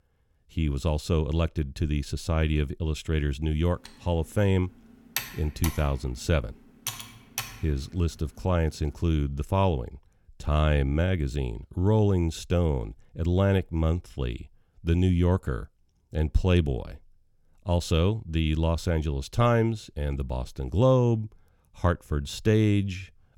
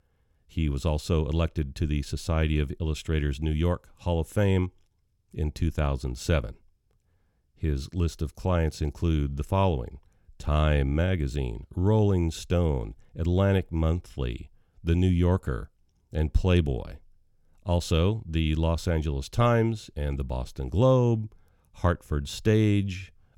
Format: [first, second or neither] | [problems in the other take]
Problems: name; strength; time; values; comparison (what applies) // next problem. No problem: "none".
second | keyboard typing; noticeable; from 4 to 7.5 s; peak 6 dB below the speech